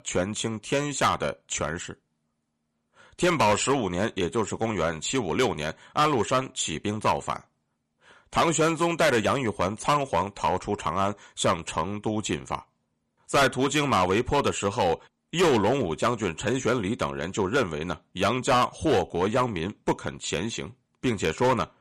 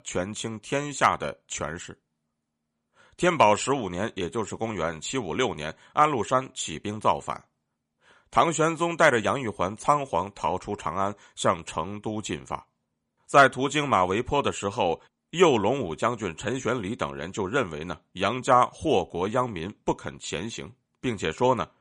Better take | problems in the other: second | distortion; heavy; 5% of the sound clipped

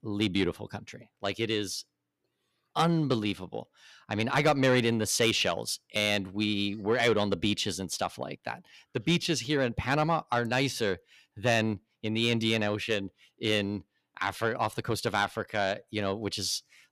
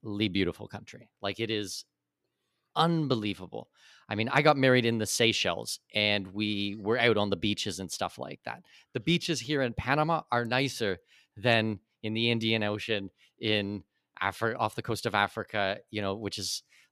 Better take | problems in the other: second | distortion; slight; 10 dB below the speech

